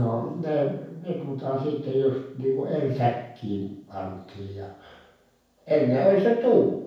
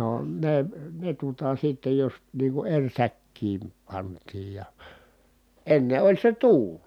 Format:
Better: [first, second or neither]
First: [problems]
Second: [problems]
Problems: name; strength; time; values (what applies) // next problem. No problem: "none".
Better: second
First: room echo; dies away in 0.6 s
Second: none